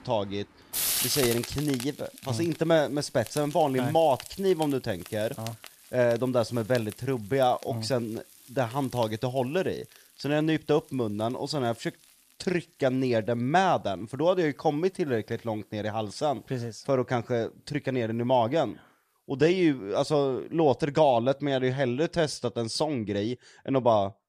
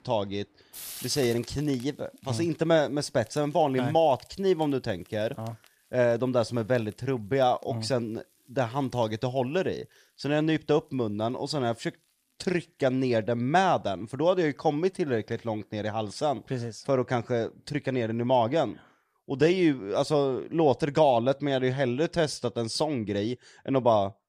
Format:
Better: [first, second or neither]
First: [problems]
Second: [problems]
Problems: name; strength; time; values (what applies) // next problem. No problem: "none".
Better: second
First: household noises; loud; throughout; 8 dB below the speech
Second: household noises; faint; throughout; 20 dB below the speech